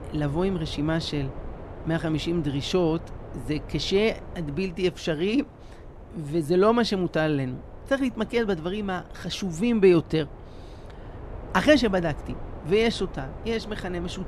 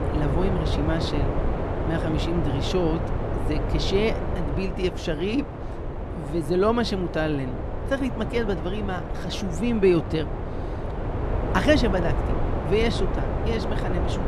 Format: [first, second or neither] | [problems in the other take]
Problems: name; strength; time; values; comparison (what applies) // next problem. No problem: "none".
first | wind noise on the microphone; heavy; 5 dB below the speech; occasional gusts in the first